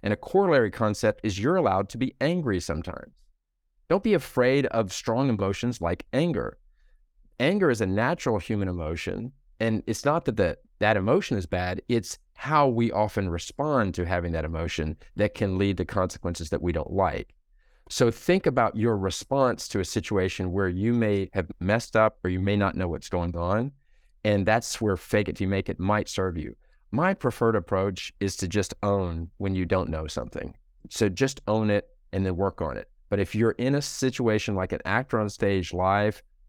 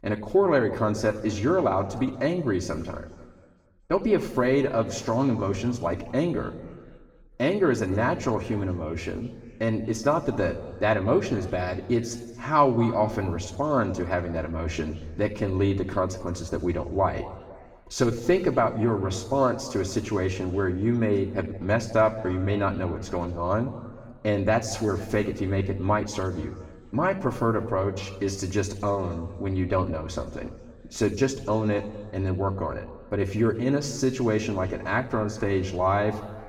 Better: first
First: none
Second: room echo; slight; dies away in 1.4 s // off-mic speech; somewhat distant

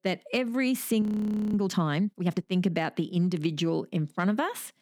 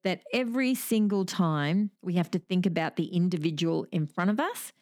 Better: second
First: audio freezing; at 1 s for 0.5 s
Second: none

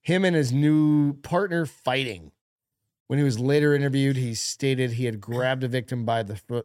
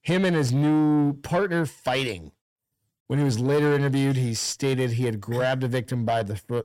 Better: first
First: none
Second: distortion; slight; 10 dB below the speech

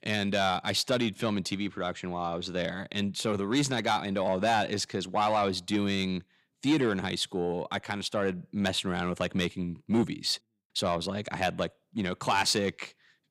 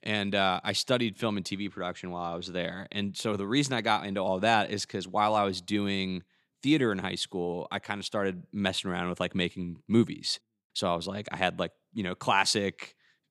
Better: second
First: distortion; slight; 10 dB below the speech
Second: none

